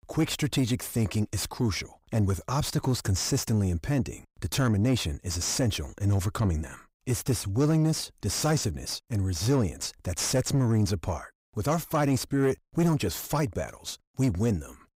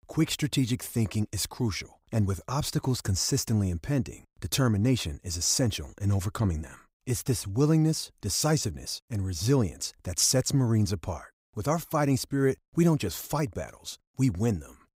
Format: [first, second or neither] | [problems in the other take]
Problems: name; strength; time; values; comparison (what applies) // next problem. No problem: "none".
second | distortion; slight; 10 dB below the speech